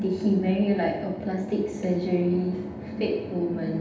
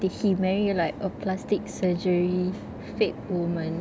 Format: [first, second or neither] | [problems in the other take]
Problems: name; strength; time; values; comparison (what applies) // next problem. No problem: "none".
second | room echo; dies away in 0.8 s